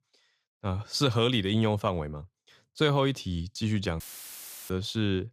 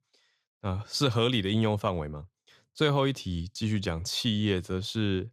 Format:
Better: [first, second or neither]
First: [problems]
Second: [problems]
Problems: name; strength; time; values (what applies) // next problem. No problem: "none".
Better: second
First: audio cutting out; filled with static; at 4 s for 0.5 s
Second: none